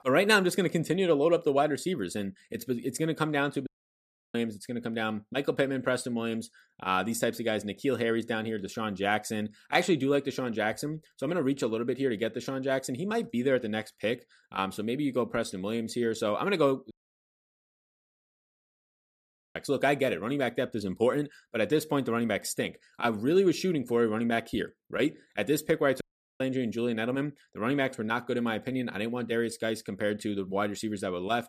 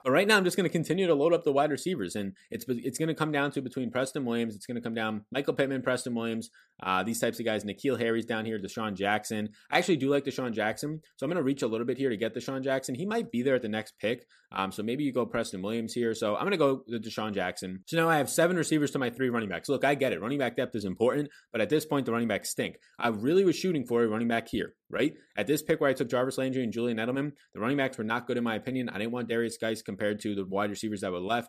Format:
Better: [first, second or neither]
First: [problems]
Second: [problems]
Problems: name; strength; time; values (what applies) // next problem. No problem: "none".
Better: second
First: audio cutting out; at 3.5 s for 0.5 s, at 17 s for 2.5 s and at 26 s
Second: none